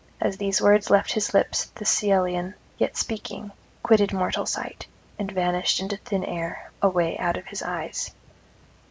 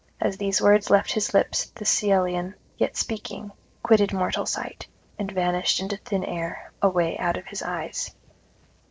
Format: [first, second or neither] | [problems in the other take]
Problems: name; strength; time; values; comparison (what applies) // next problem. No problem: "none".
first | noise reduction (neural separator model SepFormer DNS4)